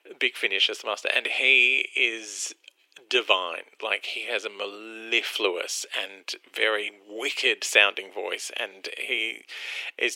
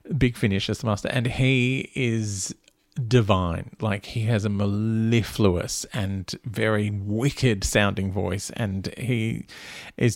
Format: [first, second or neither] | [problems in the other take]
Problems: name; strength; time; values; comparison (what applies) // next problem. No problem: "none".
second | thin; very; fading below 350 Hz